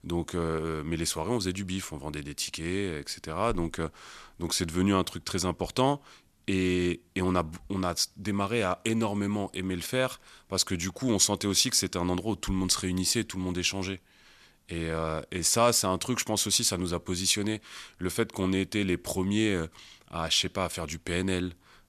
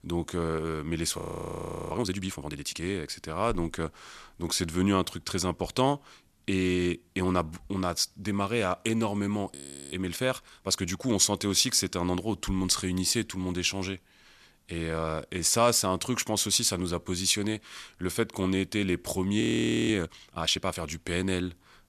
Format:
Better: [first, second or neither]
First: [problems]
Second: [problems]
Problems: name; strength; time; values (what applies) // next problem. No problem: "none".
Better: first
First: none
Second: audio freezing; at 1 s for 0.5 s, at 9.5 s and at 19 s